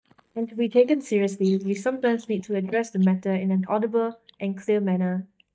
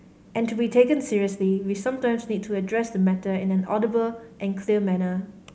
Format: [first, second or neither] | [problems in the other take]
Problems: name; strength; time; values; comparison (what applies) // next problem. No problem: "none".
second | noise reduction (neural mask model DeepFilterNet 3)